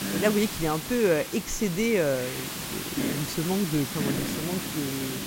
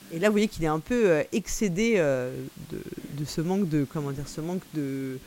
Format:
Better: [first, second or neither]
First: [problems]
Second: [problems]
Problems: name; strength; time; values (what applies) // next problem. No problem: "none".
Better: second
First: hiss; loud; throughout; 4 dB below the speech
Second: hiss; faint; throughout; 25 dB below the speech